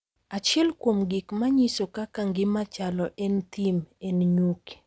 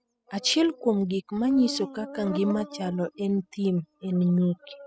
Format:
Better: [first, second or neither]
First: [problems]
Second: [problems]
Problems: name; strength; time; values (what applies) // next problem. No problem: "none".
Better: first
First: none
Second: noise reduction (classical method spectral subtraction)